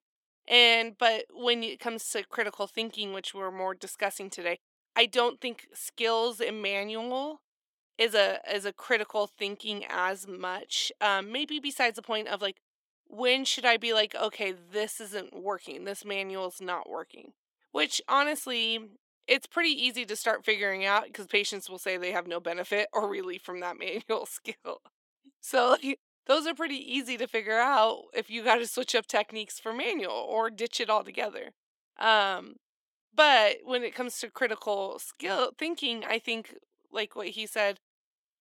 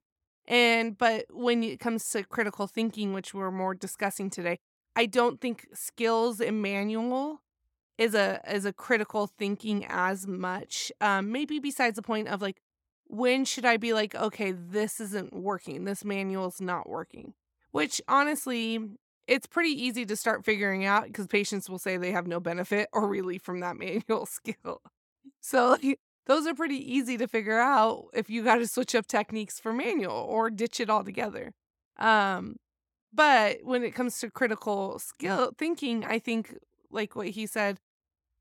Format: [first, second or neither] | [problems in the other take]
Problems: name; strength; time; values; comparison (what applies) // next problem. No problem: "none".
second | thin; somewhat; fading below 300 Hz